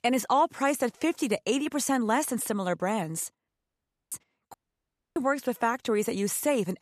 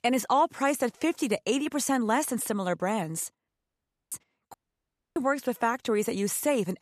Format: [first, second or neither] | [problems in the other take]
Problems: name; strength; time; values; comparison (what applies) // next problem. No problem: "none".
neither | audio cutting out; at 3.5 s for 0.5 s and at 4.5 s for 0.5 s; the same in both